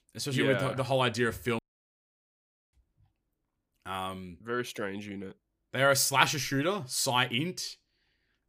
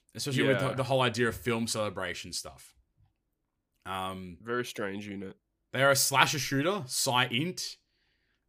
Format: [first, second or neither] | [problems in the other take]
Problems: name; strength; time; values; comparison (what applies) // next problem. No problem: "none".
second | audio cutting out; at 1.5 s for 1 s